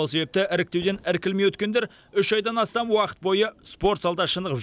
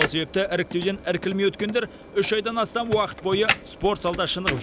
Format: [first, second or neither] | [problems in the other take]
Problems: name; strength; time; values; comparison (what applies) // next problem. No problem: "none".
first | background sound (Computer keyboard); 8 dB below the speech